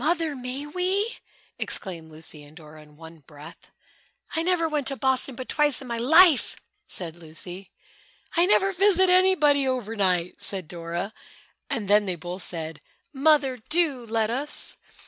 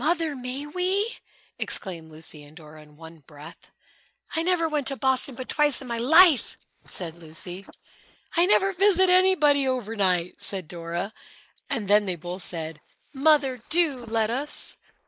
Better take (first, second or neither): first